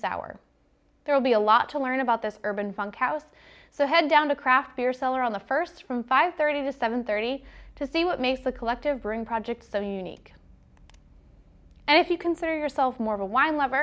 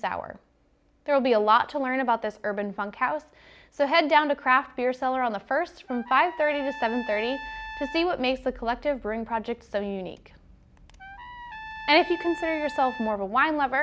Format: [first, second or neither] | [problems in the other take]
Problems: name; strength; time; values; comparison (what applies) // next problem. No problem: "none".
first | background sound (Trumpet); 14 dB below the speech